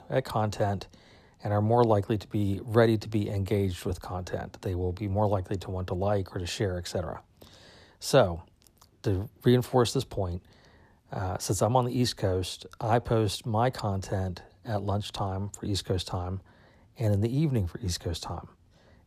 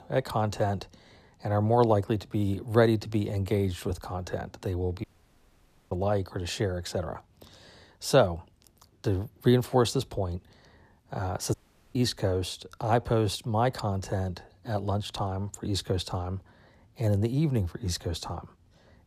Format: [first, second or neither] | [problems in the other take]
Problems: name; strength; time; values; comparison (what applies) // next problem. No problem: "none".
first | audio cutting out; at 5 s for 1 s and at 12 s